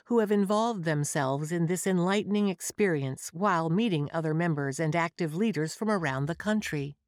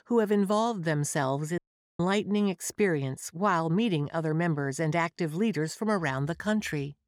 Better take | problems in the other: first | audio cutting out; at 1.5 s

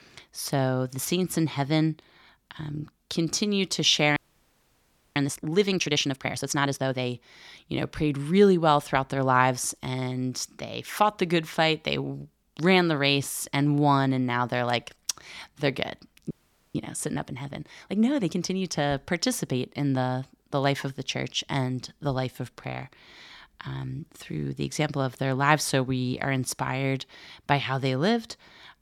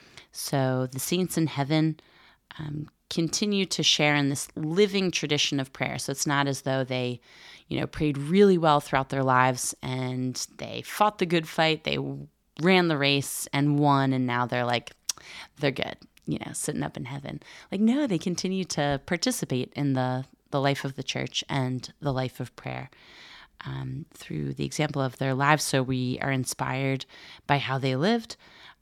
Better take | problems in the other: second | audio freezing; at 4 s for 1 s and at 16 s

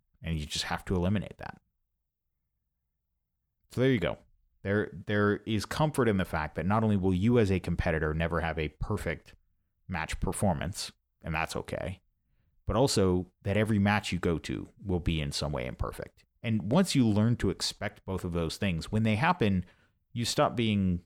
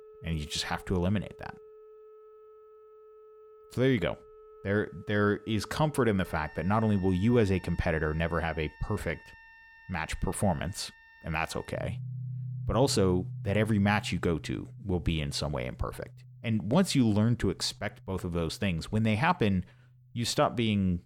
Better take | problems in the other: first | background music; noticeable; throughout; 15 dB below the speech

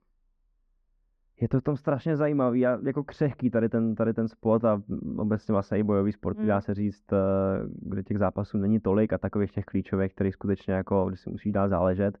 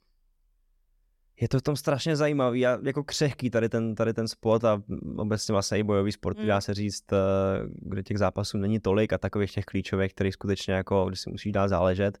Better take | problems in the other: second | muffled; very; fading above 1.5 kHz

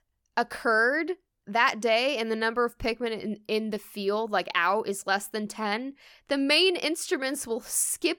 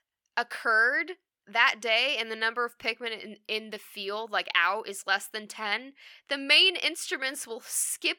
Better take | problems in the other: first | thin; somewhat; fading below 650 Hz

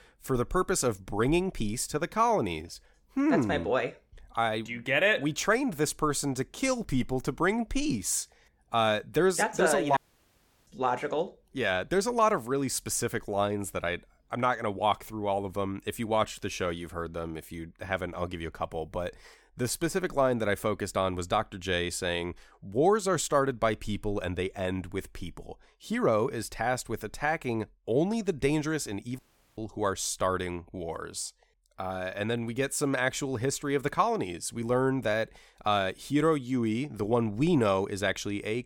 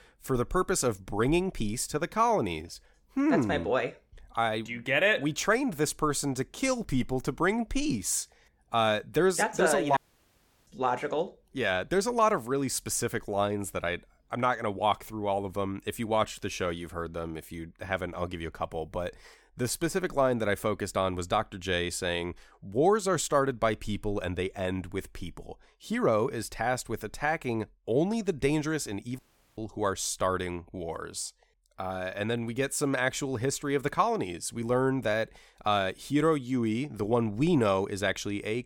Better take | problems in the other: neither | audio cutting out; at 10 s for 0.5 s and at 29 s; the same in both

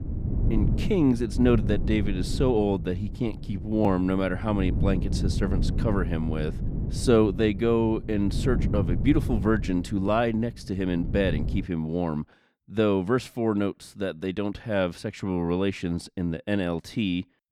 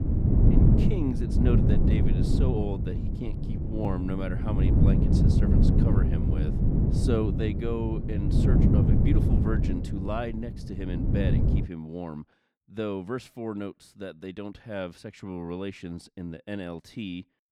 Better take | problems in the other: first | wind noise on the microphone; heavy; until 12 s; 2 dB above the speech; occasional gusts in the first

